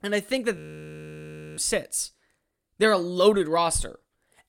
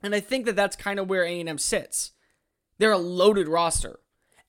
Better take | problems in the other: second | audio freezing; at 0.5 s for 1 s

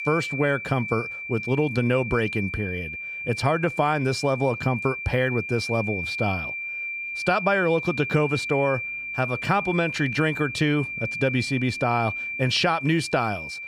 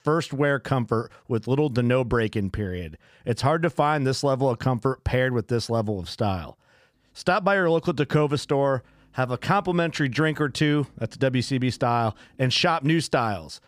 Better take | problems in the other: second | high-pitched whine; loud; throughout; 2.5 kHz, 5 dB below the speech

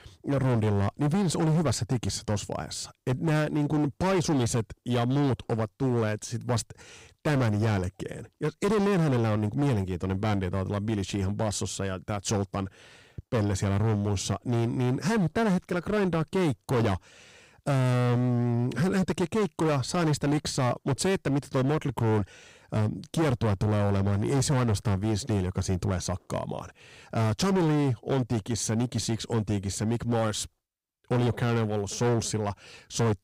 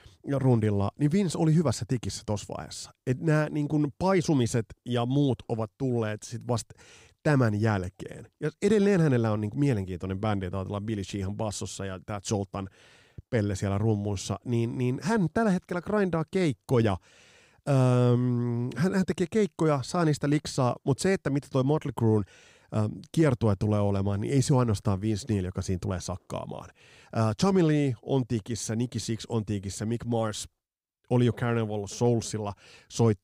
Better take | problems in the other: second | distortion; heavy; 18% of the sound clipped

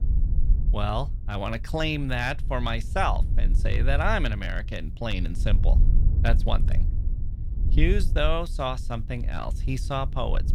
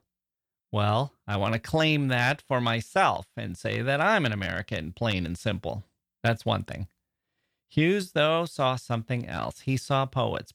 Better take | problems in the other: second | low rumble; noticeable; throughout; 15 dB below the speech

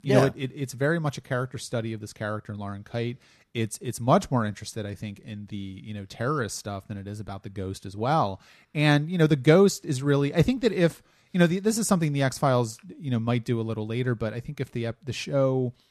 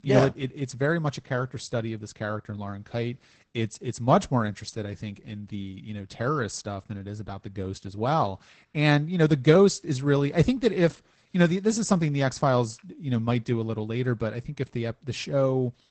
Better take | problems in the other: first | garbled, watery; badly; nothing above 8 kHz

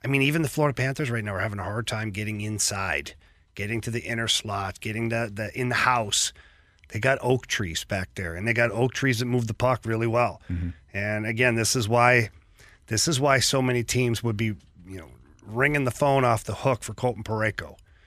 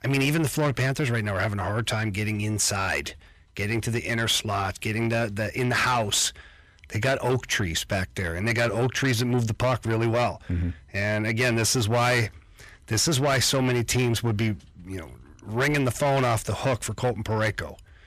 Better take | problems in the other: first | distortion; heavy; 8 dB below the speech

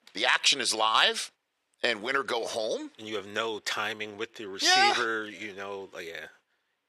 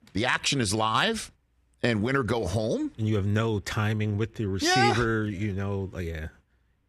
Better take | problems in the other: second | thin; very; fading below 550 Hz

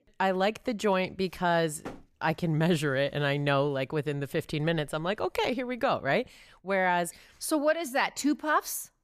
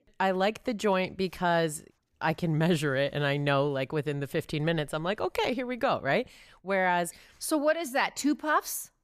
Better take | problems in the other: second | door banging; faint; at 2 s; peak 15 dB below the speech

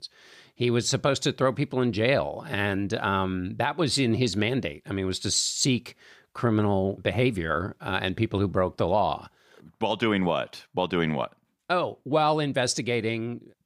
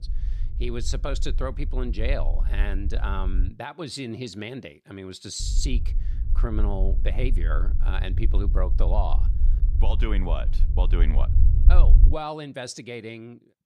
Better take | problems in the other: first | low rumble; noticeable; until 3.5 s and from 5.5 to 12 s; 10 dB below the speech

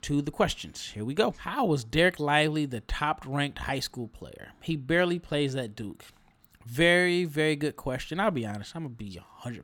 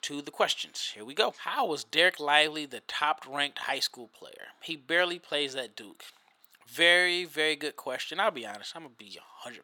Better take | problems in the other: first | thin; very; fading below 550 Hz

